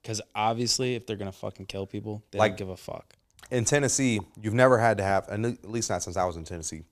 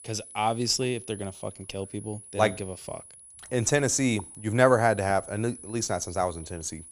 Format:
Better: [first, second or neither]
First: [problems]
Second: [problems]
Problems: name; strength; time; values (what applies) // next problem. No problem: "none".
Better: first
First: none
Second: high-pitched whine; noticeable; throughout; 10 kHz, 15 dB below the speech